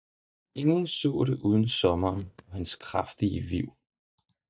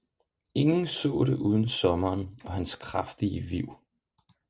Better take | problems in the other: second | noise reduction (neural mask model DeepFilterNet 3)

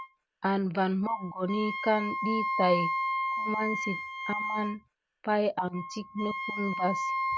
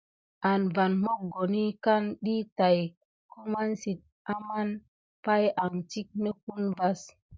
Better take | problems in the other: second | background sound (Wind instrument, woodwind instrument); 3 dB below the speech

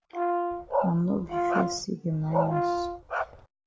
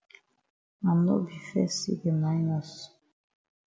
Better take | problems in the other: second | background sound (Brass instrument + Bark); 2 dB above the speech

